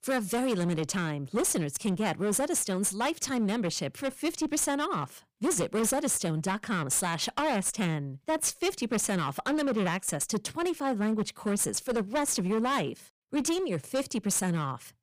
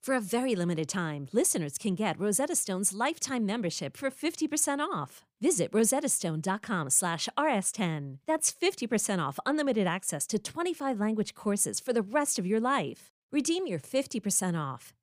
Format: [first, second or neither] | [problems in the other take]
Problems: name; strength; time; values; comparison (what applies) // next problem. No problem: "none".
second | distortion; slight; 17% of the sound clipped